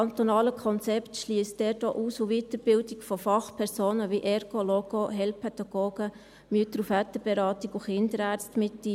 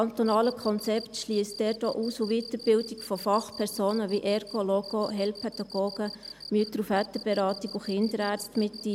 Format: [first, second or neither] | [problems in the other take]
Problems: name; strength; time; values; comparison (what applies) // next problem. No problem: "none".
first | background sound (Cricket); 16 dB below the speech